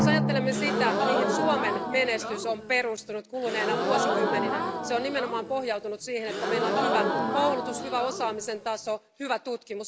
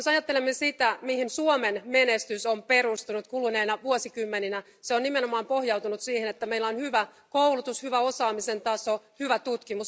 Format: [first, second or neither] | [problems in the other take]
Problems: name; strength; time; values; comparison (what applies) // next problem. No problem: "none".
second | background sound (Drum + Crowd / Gasp); 1 dB above the speech